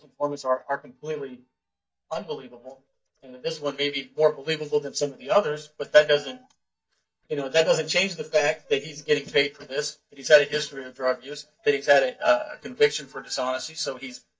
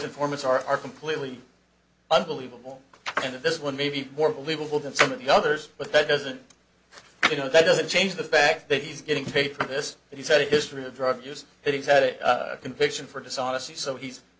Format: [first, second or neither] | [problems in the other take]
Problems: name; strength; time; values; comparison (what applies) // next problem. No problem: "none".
second | noise reduction (neural mask model DeepFilterNet 3)